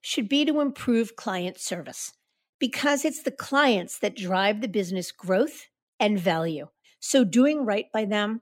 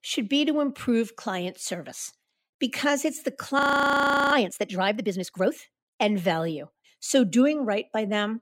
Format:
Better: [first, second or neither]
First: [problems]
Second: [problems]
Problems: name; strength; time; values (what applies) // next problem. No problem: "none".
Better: first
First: none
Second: audio freezing; at 3.5 s for 0.5 s